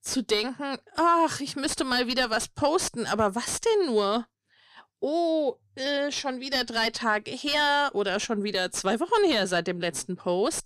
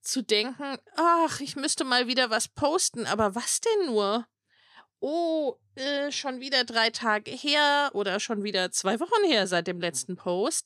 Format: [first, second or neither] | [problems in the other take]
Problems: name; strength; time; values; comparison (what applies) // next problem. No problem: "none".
second | distortion; slight; 10 dB below the speech